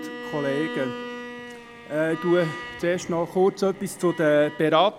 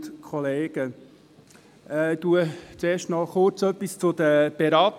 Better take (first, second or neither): second